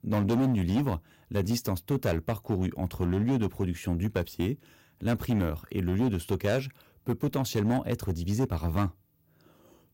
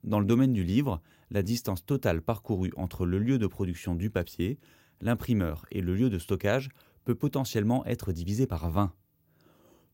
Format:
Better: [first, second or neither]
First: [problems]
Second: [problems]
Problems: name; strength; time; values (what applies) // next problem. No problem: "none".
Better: second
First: distortion; slight; 9% of the sound clipped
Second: none